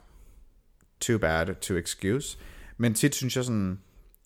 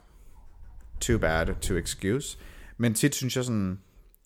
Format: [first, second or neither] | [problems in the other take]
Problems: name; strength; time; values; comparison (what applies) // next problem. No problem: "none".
first | dog barking; noticeable; from 0.5 to 2 s; peak 8 dB below the speech